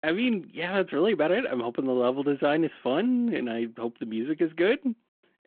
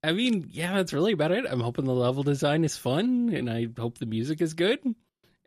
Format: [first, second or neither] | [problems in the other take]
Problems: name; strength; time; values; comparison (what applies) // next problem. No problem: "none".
second | phone-call audio